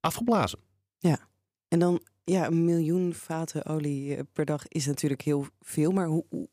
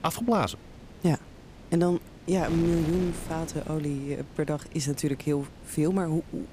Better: first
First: none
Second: wind noise on the microphone; occasional gusts; 15 dB below the speech

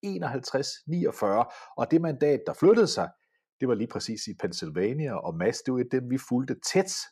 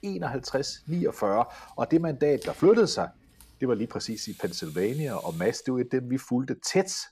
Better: first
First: none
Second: household noises; faint; throughout; 25 dB below the speech

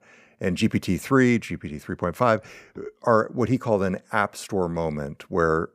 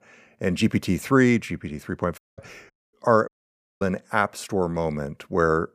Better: first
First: none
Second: audio cutting out; at 2 s, at 2.5 s and at 3.5 s for 0.5 s

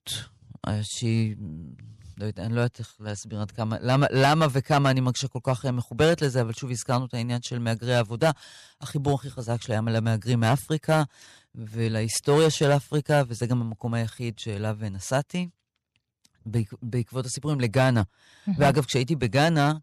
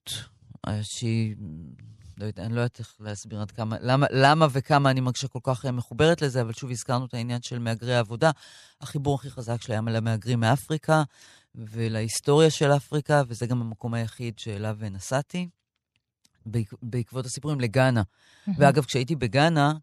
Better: second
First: distortion; slight; 3% of the sound clipped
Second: none

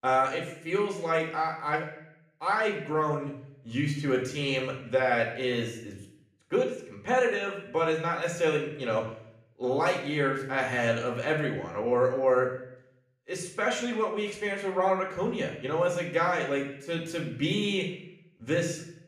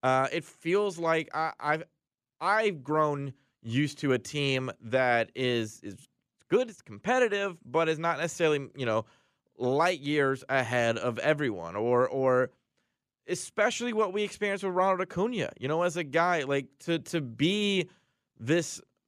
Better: second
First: room echo; slight; dies away in 0.6 s // off-mic speech; somewhat distant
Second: none

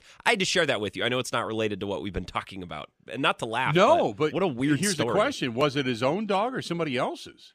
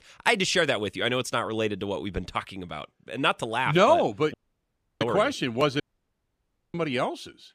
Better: first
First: none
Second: audio cutting out; at 4.5 s for 0.5 s and at 6 s for 1 s

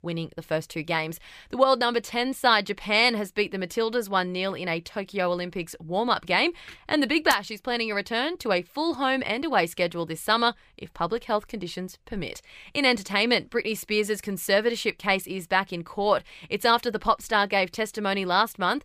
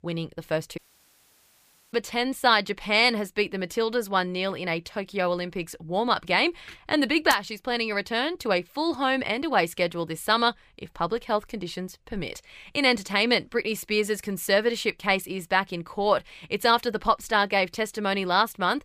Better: first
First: none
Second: audio cutting out; at 1 s for 1 s

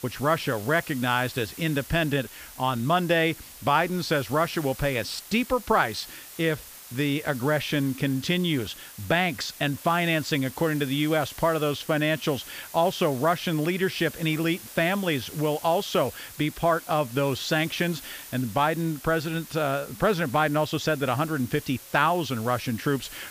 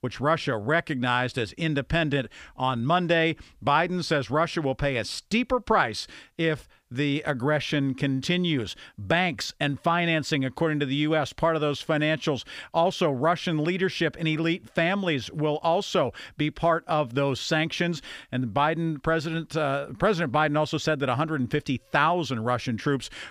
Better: second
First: hiss; noticeable; throughout; 15 dB below the speech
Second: none

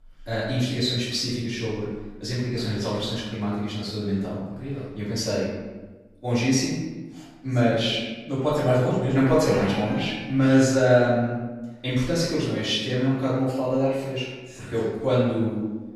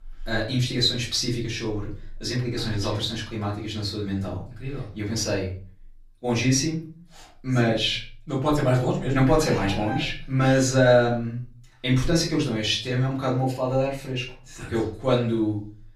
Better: second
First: room echo; strong; dies away in 1.1 s // off-mic speech; far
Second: room echo; slight; dies away in 0.4 s // off-mic speech; far

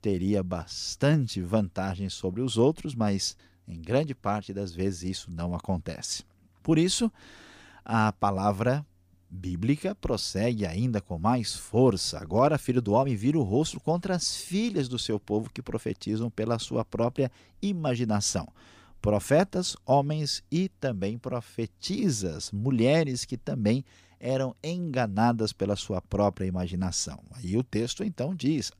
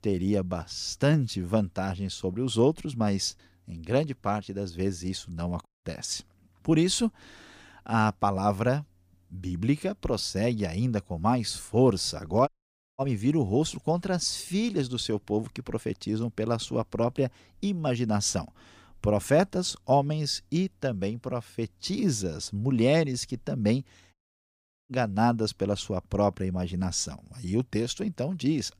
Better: first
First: none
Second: audio cutting out; at 5.5 s, at 12 s for 0.5 s and at 24 s for 1 s

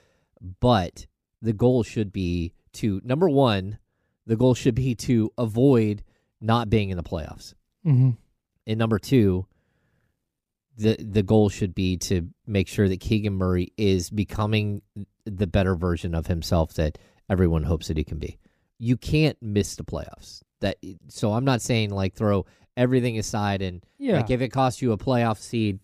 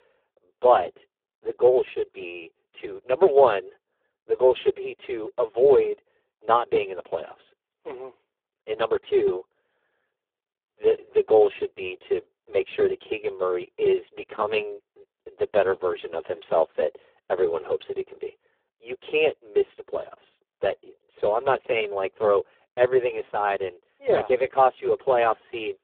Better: first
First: none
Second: phone-call audio; poor line

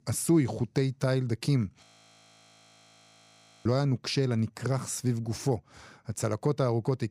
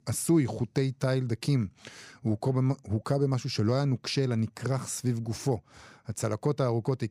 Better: second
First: audio freezing; at 2 s for 2 s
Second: none

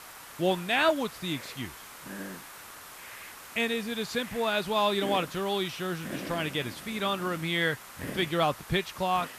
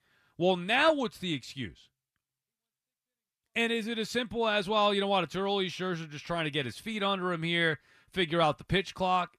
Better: second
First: hiss; noticeable; throughout; 15 dB below the speech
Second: none

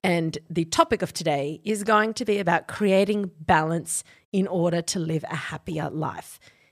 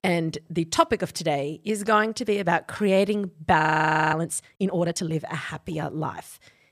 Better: first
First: none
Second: audio freezing; at 3.5 s for 0.5 s

